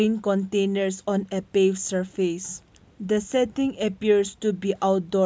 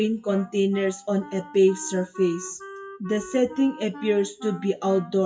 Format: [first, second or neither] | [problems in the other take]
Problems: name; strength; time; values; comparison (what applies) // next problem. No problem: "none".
first | noise reduction (classical method WPE with log-MMSE)